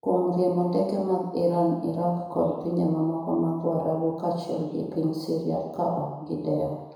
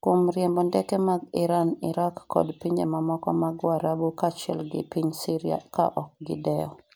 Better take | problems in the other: second | room echo; dies away in 1 s

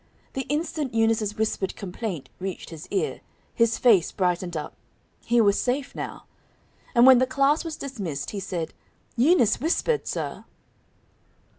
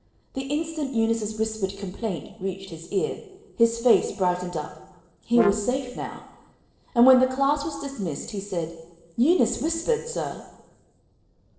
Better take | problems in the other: first | noise reduction (neural separator model SepFormer DNS4)

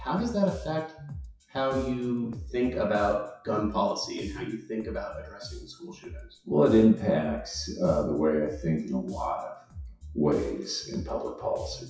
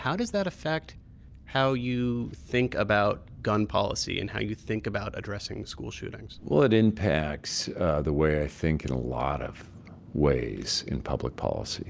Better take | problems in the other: second | noise reduction (classical method WPE with log-MMSE)

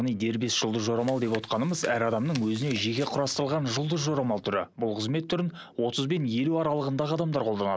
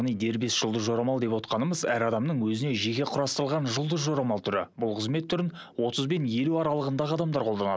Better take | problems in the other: second | background sound (Chewing, mastication); 19 dB below the speech

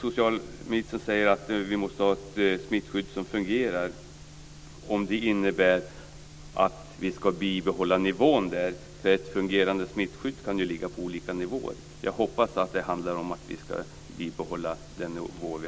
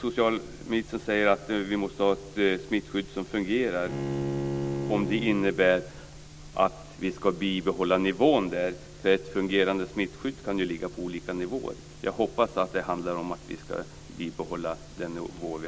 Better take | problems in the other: first | background sound (Bowed string instrument); 5 dB below the speech

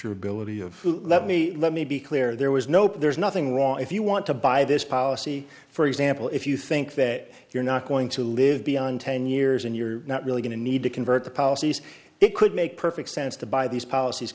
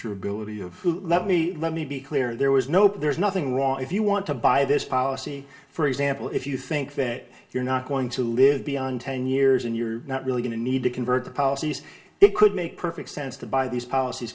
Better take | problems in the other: first | room echo; dies away in 0.2 s

